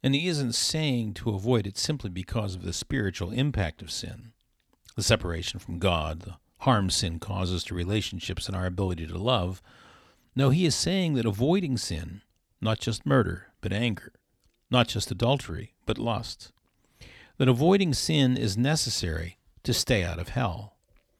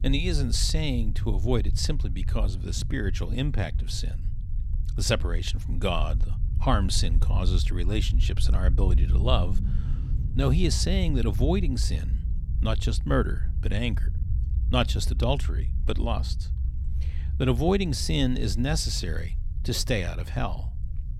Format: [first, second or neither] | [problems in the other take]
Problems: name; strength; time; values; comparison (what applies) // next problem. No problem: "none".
first | low rumble; noticeable; throughout; 15 dB below the speech